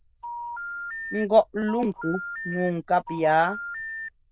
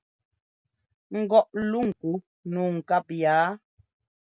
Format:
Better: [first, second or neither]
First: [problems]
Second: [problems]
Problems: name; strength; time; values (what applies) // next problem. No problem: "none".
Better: second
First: noise reduction (neural diffusion model UNIVERSE++)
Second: none